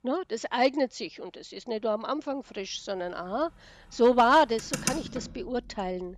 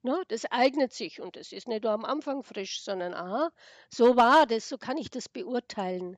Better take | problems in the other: second | traffic noise; loud; throughout; 8 dB below the speech

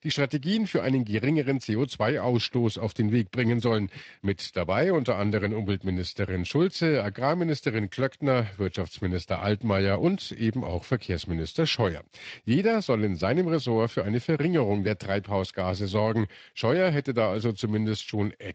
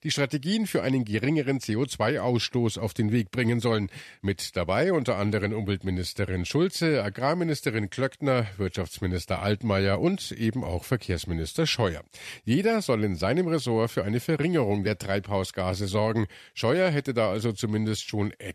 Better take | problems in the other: second | garbled, watery; slightly; nothing above 8 kHz

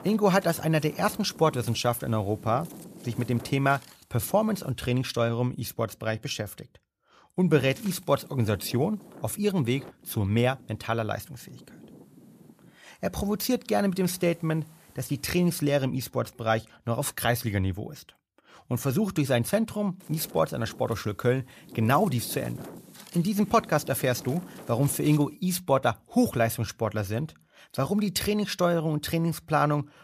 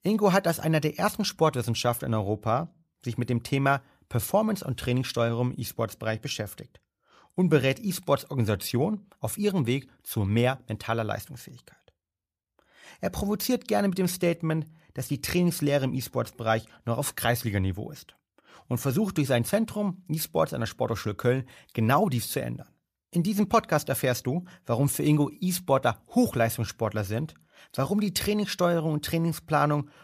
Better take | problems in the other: second | wind noise on the microphone; occasional gusts; until 4.5 s, from 7.5 to 16 s and from 20 to 25 s; 20 dB below the speech

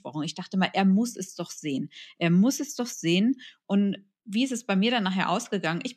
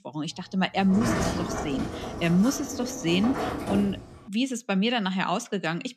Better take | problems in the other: first | door banging; loud; from 1 to 4 s; peak 1 dB above the speech

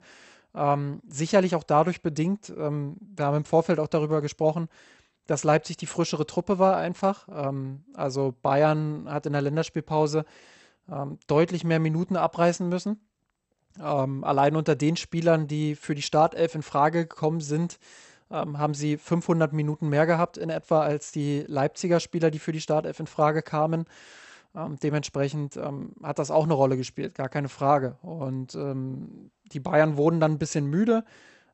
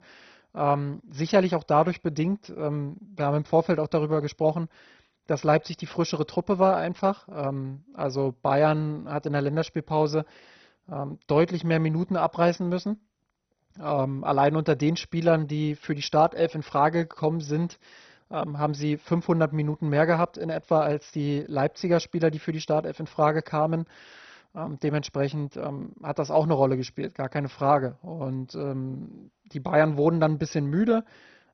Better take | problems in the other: first | garbled, watery; badly; nothing above 6 kHz; slightly in the first

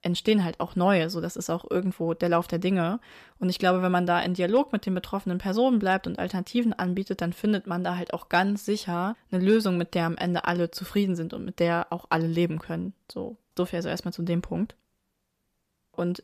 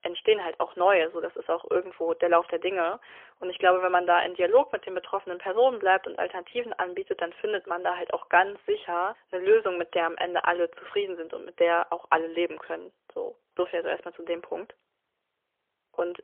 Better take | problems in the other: first | phone-call audio; poor line; nothing above 3 kHz

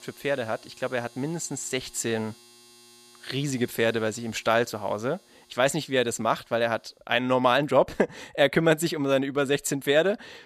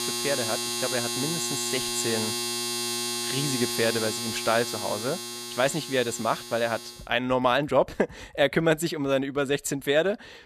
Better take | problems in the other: first | household noises; loud; throughout; 2 dB below the speech; faint in the first

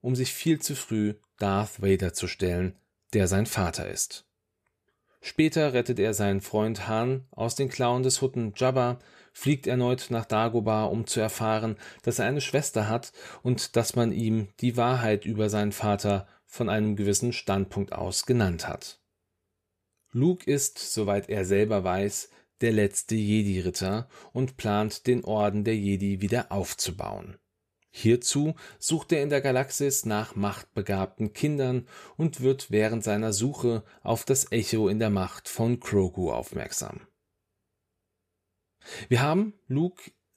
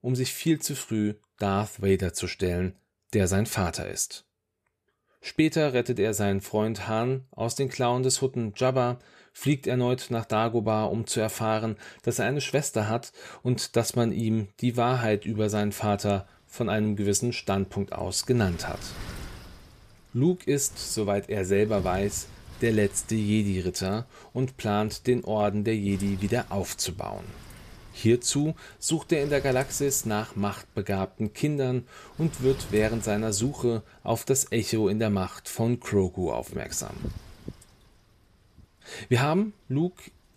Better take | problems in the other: first | wind noise on the microphone; occasional gusts; from 15 s on; 20 dB below the speech

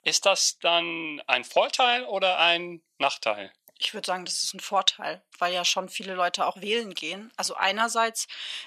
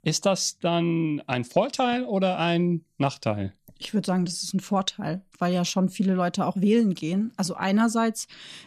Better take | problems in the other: second | thin; very; fading below 750 Hz

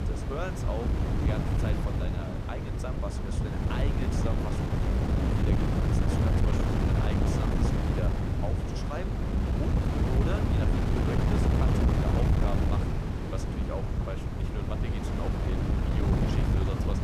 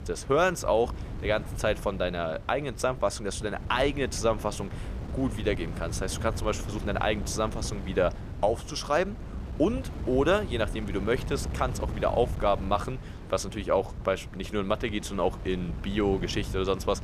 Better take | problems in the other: second | wind noise on the microphone; heavy; 5 dB above the speech; occasional gusts in the second

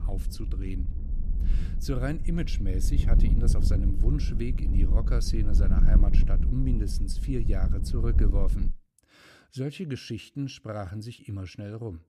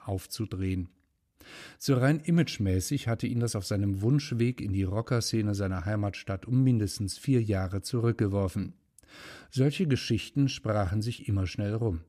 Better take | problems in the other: second | wind noise on the microphone; heavy; until 8.5 s; 6 dB below the speech

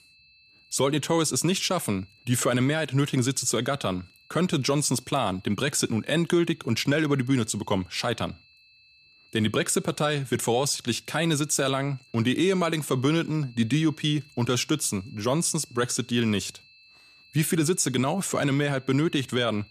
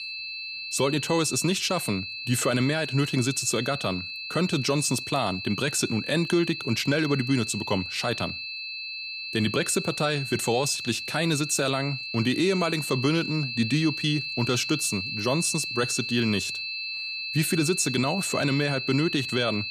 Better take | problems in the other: first | high-pitched whine; loud; throughout; 2.5 kHz, 5 dB below the speech; faint in the first

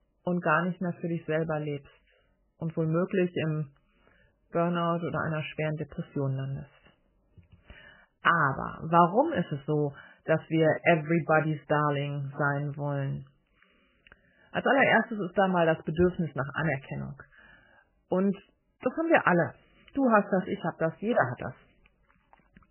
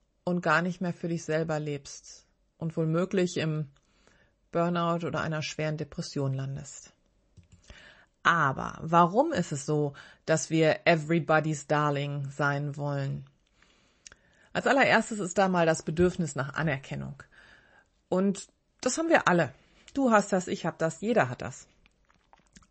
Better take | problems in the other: second | garbled, watery; badly; nothing above 3 kHz; slightly in the second

